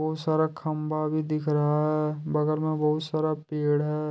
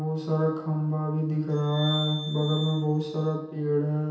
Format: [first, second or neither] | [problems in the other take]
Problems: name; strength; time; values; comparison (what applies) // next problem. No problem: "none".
first | background sound (Glass); 11 dB below the speech // room echo; dies away in 0.9 s